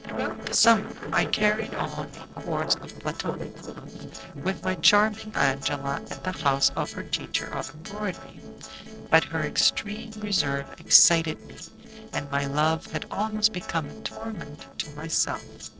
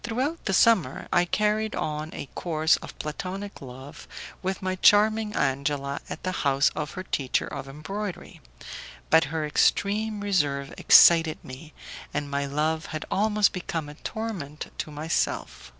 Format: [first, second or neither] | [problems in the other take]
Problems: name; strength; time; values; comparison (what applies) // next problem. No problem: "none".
second | noise reduction (neural separator model SepFormer DNS4)